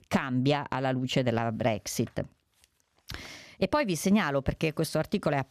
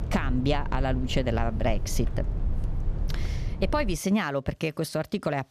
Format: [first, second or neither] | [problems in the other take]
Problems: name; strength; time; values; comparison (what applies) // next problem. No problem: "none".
first | low rumble; noticeable; until 4 s; 15 dB below the speech